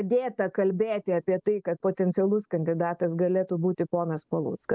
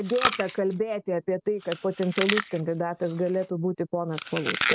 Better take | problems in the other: first | background sound (Chewing, mastication); 5 dB below the speech

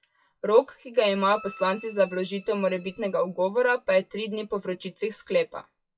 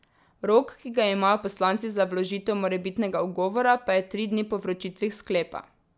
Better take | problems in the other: second | noise reduction (classical method WPE with log-MMSE)

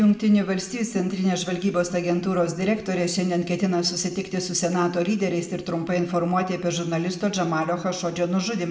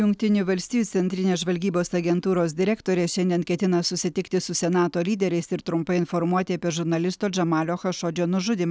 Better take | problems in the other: second | room echo; dies away in 0.8 s

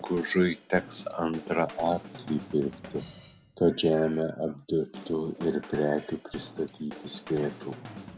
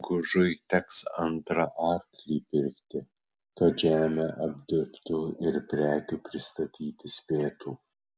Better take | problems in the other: second | background sound (Drum / Drum kit); 16 dB below the speech

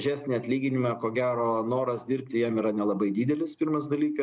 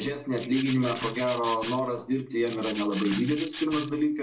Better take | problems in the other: first | background sound (Rattle (instrument)); 12 dB below the speech // room echo; dies away in 0.2 s

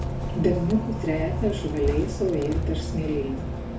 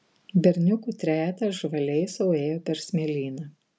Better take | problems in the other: second | background sound (Bus); 2 dB below the speech // room echo; dies away in 0.4 s

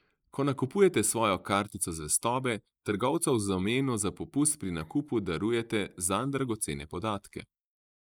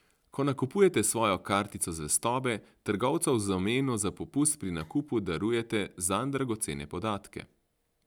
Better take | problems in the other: second | noise reduction (neural mask model Resemble Enhance denoiser)

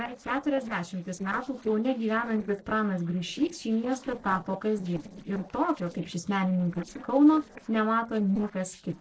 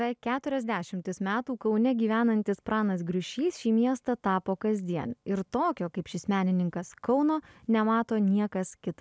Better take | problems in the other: second | noise reduction (neural separator model SepFormer DNS4)

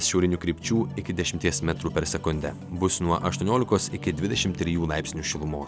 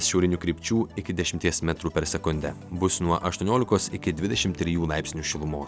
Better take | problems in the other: second | background sound (Guitar); 12 dB below the speech

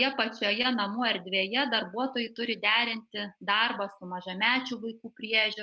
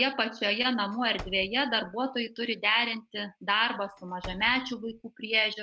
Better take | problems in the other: first | background sound (Slam / Wood); 20 dB below the speech

